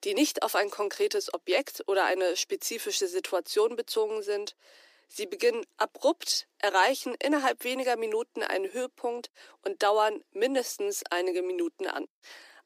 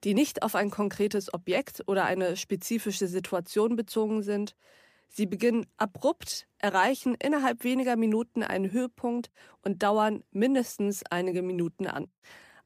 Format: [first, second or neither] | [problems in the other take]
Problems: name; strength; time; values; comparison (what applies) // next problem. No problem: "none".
second | thin; somewhat; fading below 300 Hz